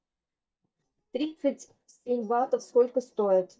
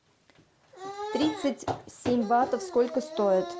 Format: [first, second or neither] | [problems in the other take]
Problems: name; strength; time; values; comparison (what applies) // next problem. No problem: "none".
second | noise reduction (neural mask model DeepFilterNet 3)